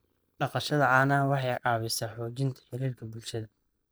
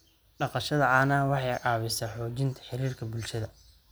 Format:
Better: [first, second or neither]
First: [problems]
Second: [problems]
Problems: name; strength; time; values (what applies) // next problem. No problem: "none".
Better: second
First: noise reduction (neural mask model DeepFilterNet 3)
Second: none